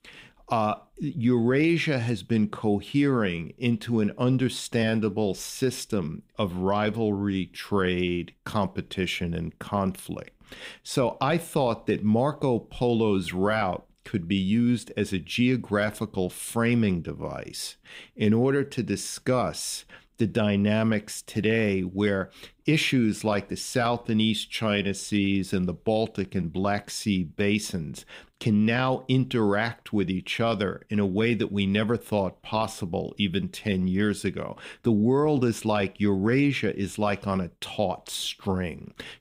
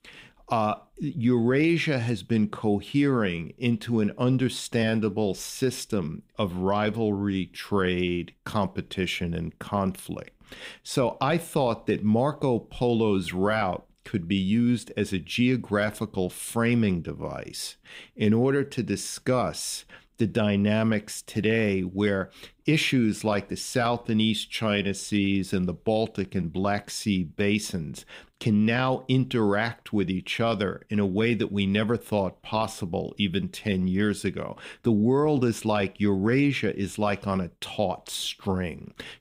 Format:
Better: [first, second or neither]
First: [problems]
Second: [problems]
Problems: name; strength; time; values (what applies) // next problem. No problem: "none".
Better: neither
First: none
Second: none